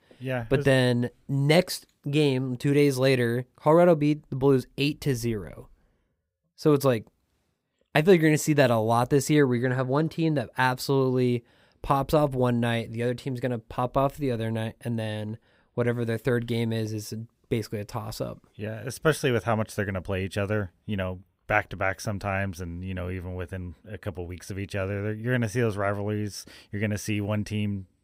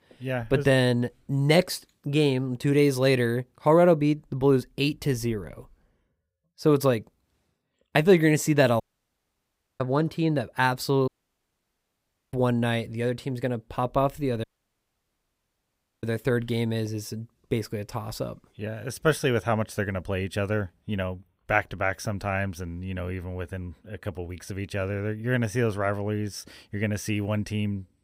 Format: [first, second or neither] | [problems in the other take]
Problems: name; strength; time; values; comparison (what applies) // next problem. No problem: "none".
first | audio cutting out; at 9 s for 1 s, at 11 s for 1.5 s and at 14 s for 1.5 s